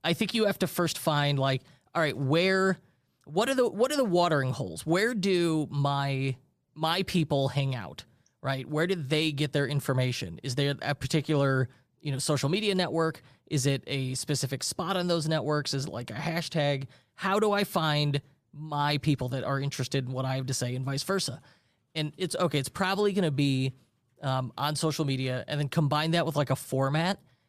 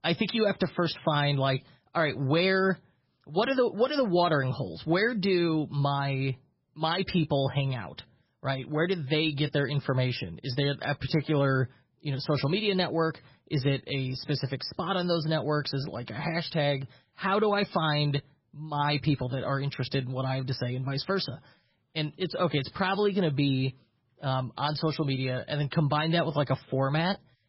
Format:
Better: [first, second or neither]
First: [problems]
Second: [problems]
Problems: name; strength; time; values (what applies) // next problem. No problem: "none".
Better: first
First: none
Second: garbled, watery; badly; nothing above 5.5 kHz